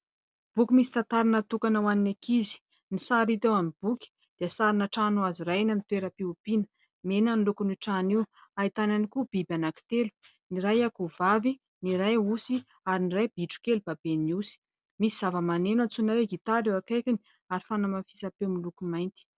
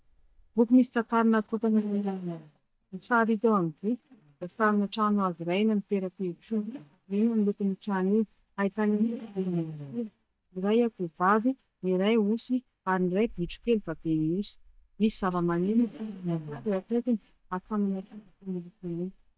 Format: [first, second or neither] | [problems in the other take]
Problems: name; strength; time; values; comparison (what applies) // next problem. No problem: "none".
first | noise reduction (neural mask model DeepFilterNet 3)